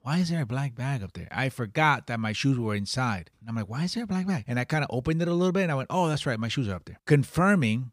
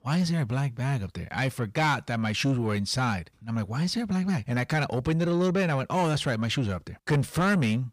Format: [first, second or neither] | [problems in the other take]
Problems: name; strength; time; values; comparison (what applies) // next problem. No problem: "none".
first | distortion; slight; 10 dB below the speech